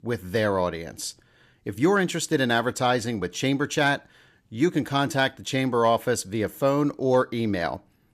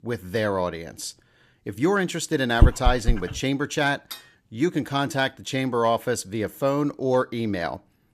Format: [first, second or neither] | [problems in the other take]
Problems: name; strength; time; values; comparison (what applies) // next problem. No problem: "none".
first | dog barking; loud; at 2.5 s; peak 4 dB above the speech // clattering dishes; faint; at 4 s; peak 15 dB below the speech